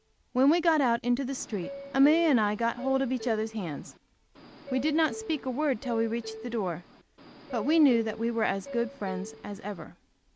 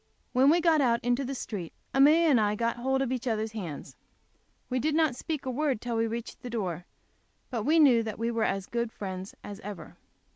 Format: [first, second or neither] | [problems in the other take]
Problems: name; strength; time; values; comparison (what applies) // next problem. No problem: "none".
second | background sound (Subway, metro, underground); 14 dB below the speech